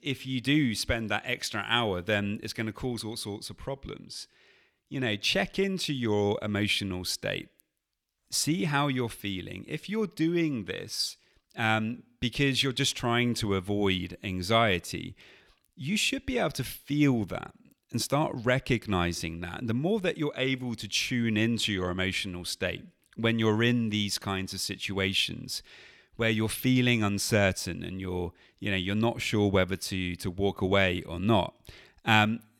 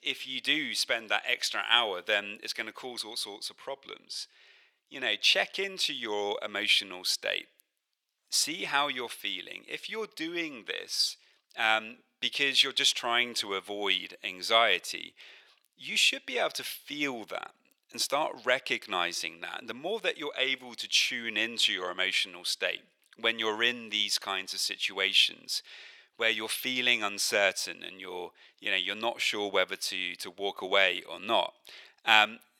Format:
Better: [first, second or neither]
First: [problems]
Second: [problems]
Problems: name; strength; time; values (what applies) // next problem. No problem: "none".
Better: first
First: none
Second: thin; very; fading below 600 Hz